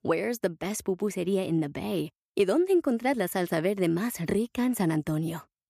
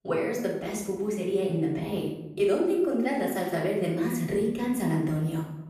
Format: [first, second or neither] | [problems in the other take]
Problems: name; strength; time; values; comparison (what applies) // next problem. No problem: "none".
first | room echo; noticeable; dies away in 0.8 s // off-mic speech; far